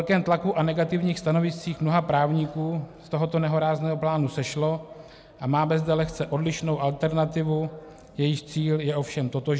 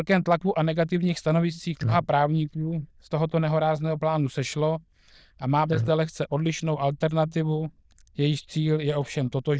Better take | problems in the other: first | noise reduction (neural diffusion model UNIVERSE++)

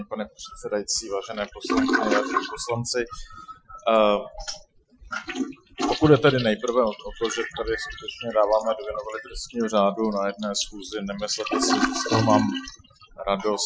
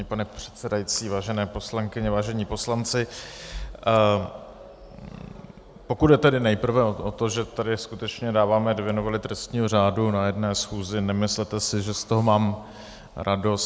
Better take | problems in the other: second | noise reduction (classical method Wiener filter)

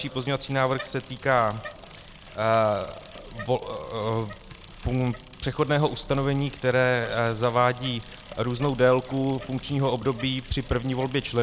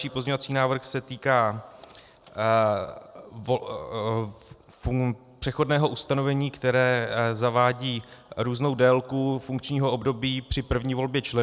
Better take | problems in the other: second | background sound (Bicycle); 18 dB below the speech

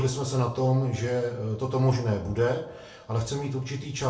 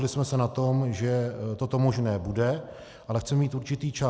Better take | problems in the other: second | room echo; dies away in 0.3 s

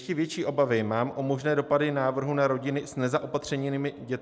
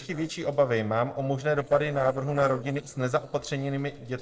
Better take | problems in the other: first | noise reduction (neural separator model SepFormer DNS4)

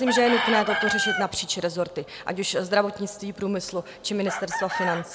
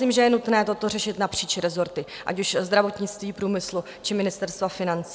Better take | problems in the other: second | background sound (Chicken, rooster); 4 dB below the speech

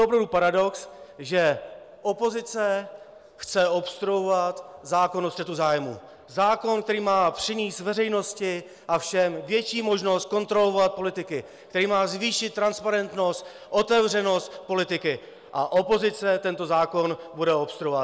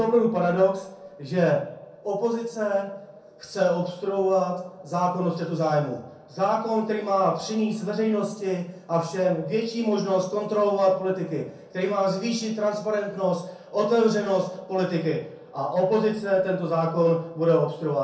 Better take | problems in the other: first | room echo; dies away in 0.5 s

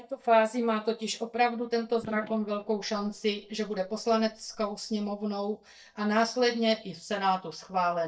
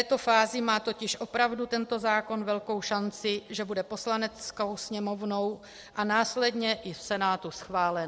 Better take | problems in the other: second | noise reduction (neural mask model DeepFilterNet 3)

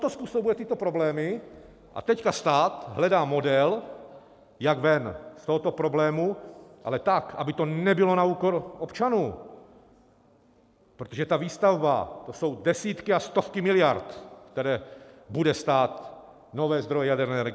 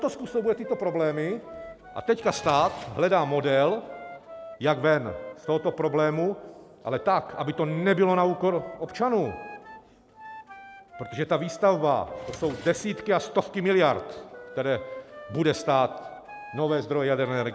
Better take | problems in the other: first | background sound (Wind instrument, woodwind instrument + Drawer open or close); 17 dB below the speech

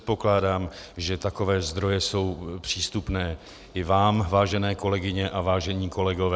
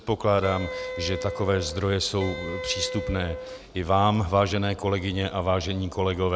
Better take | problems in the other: first | background sound (Wind instrument, woodwind instrument); 9 dB below the speech

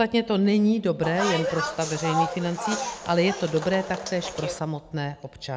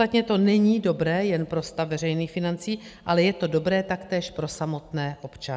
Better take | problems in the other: second | background sound (Bus); 5 dB below the speech

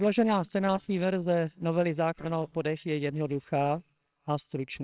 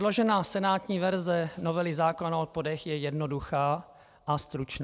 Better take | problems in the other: second | noise reduction (neural separator model SepFormer WHAMR!)

